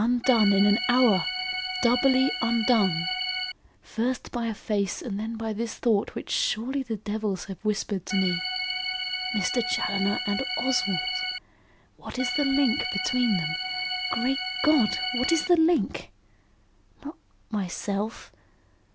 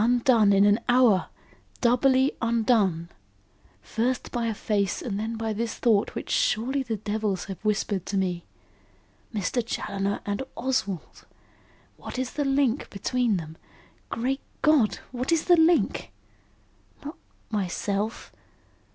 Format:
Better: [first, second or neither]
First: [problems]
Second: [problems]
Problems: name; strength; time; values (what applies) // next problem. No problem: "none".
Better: second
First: background sound (Organ); 3 dB below the speech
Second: none